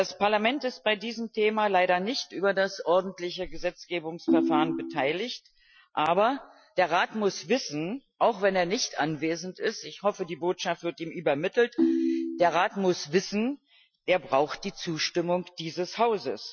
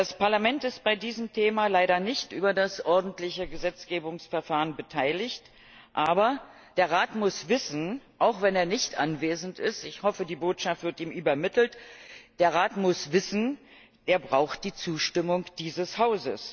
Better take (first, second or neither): second